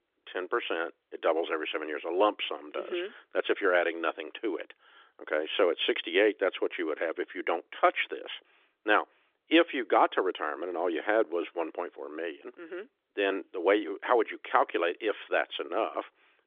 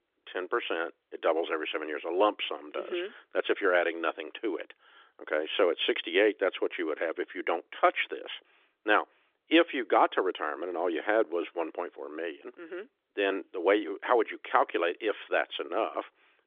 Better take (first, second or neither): neither